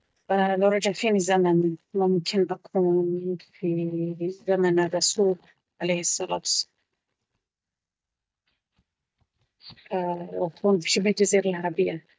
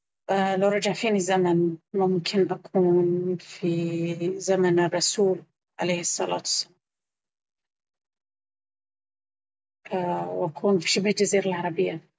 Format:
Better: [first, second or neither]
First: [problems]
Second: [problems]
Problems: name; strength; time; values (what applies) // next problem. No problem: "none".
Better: second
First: noise reduction (neural mask model DeepFilterNet 3)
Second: none